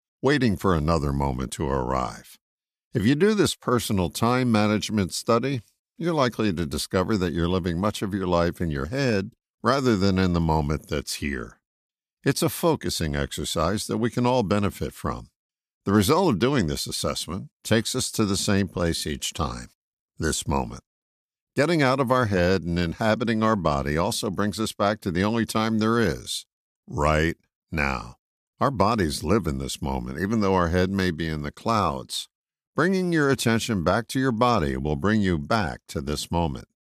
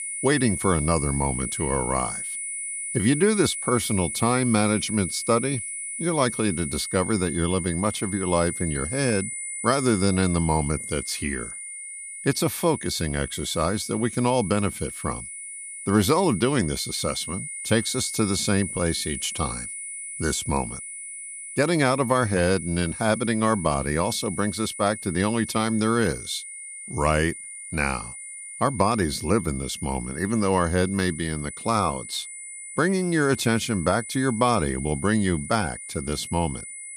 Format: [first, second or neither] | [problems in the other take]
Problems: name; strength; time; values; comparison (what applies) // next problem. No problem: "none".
first | high-pitched whine; loud; throughout; 9.5 kHz, 7 dB below the speech